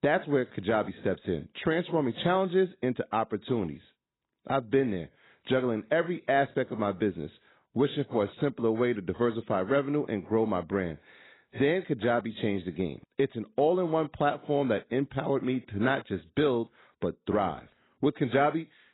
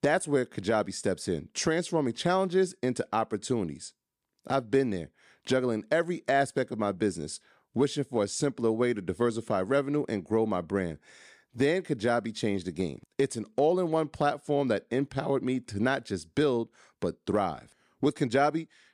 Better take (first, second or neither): second